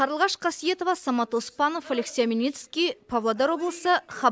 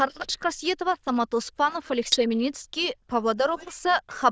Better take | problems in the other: first | noise reduction (neural diffusion model UNIVERSE++)

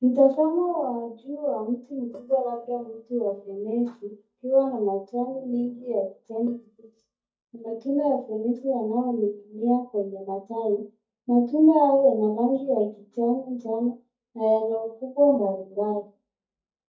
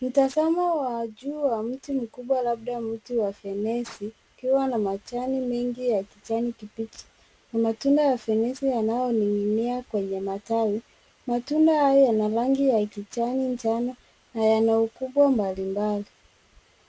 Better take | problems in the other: second | noise reduction (neural mask model DeepFilterNet 3)

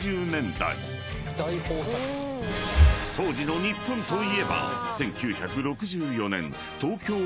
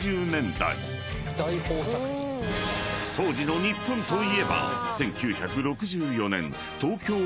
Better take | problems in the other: second | background sound (Breathing); 1 dB above the speech

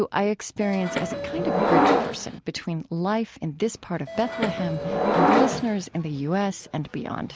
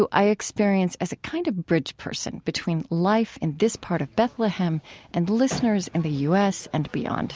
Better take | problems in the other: second | background sound (Subway, metro, underground); 4 dB above the speech

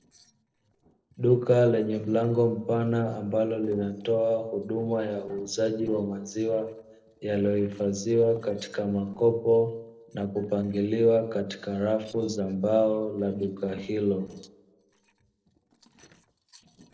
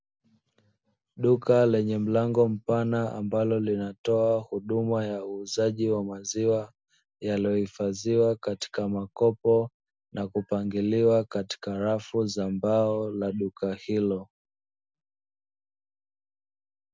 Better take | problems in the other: second | noise reduction (neural separator model SepFormer DNS4)

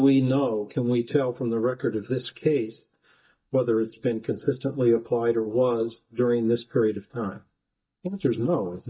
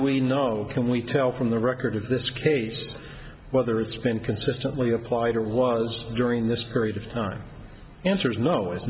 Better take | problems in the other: second | noise reduction (neural mask model DeepFilterNet 3)

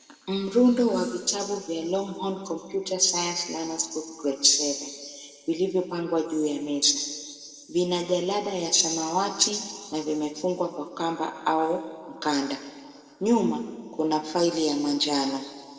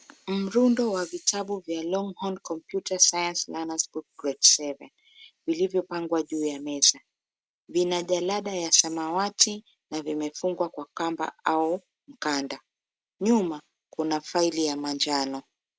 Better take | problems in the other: second | room echo; dies away in 2 s

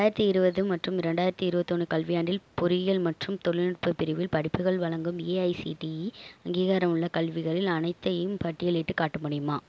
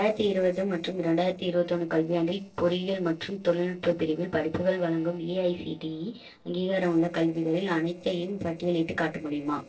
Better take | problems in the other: first | noise reduction (neural separator model SepFormer DNS4)

